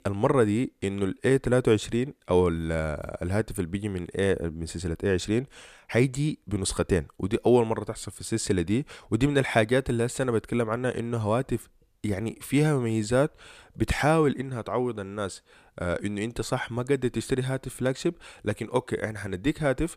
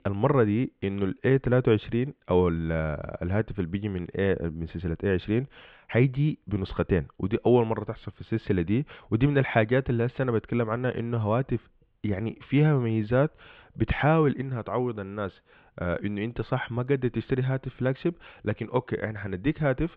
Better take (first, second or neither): first